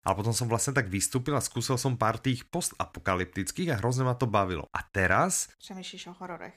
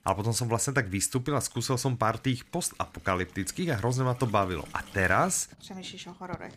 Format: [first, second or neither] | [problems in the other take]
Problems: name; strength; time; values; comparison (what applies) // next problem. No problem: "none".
first | household noises; faint; throughout; 20 dB below the speech